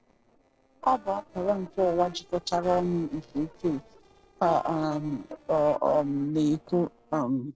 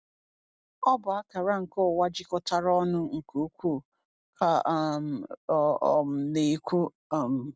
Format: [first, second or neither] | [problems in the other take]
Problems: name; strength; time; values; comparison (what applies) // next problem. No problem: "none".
second | noise reduction (neural separator model SepFormer DNS4)